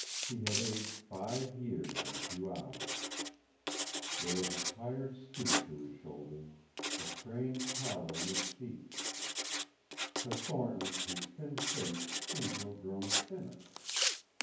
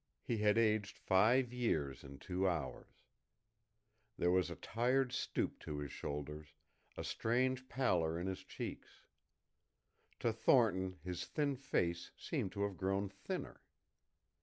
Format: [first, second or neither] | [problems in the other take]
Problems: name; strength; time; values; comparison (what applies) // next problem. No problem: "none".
second | background sound (Writing); 3 dB above the speech // room echo; dies away in 0.9 s